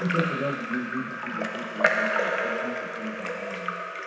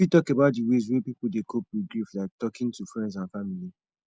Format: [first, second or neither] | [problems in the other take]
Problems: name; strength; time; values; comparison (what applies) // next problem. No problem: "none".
second | background sound (Drip / Trickle, dribble / Splash, splatter); 5 dB above the speech // room echo; dies away in 0.6 s